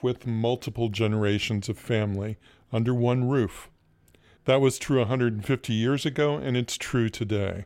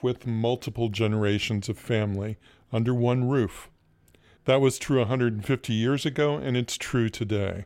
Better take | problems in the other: neither | none

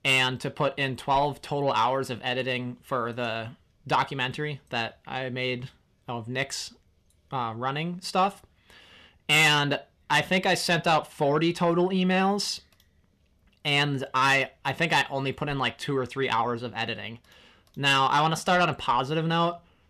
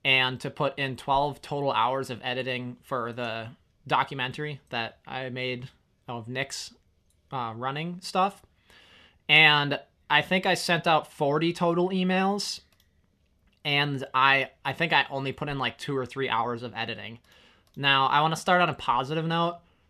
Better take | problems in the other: second | distortion; slight; 10 dB below the speech

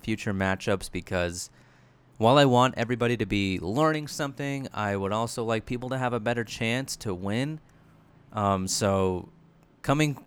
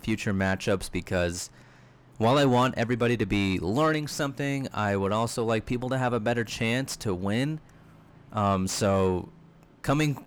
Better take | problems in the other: first | distortion; slight; 10 dB below the speech

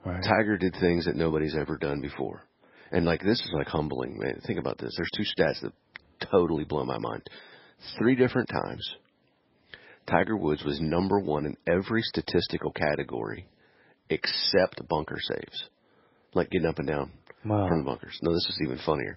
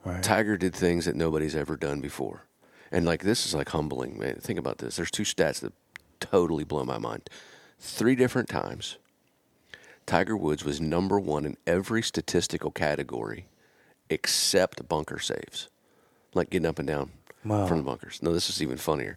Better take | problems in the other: second | garbled, watery; badly; nothing above 5.5 kHz

